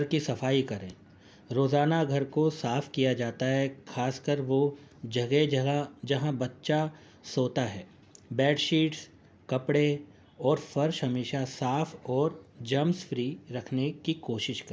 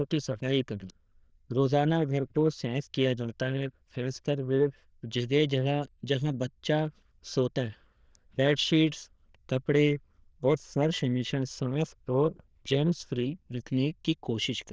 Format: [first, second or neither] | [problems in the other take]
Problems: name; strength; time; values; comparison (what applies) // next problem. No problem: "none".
first | noise reduction (neural diffusion model UNIVERSE++)